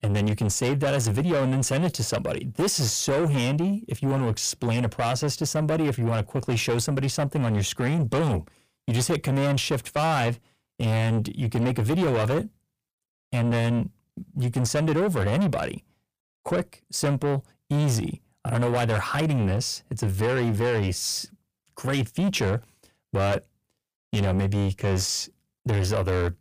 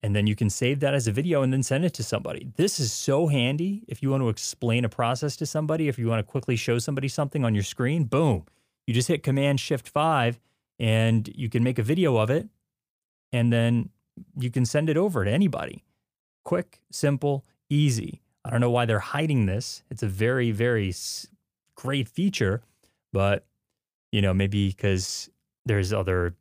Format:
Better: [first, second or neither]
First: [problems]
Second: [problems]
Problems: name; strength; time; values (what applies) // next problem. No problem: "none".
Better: second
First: distortion; heavy; 7 dB below the speech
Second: none